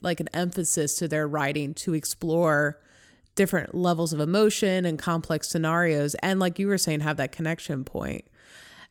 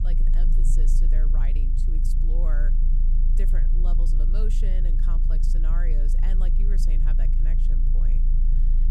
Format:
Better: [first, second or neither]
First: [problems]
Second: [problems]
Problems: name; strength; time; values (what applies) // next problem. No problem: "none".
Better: first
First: none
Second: low rumble; loud; throughout; 3 dB below the speech